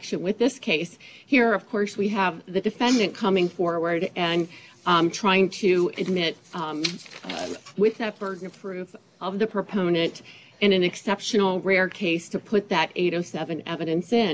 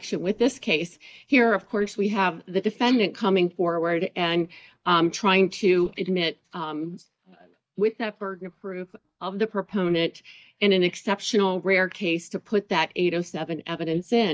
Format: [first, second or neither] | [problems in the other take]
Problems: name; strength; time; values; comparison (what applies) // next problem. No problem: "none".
first | noise reduction (neural mask model DeepFilterNet 3)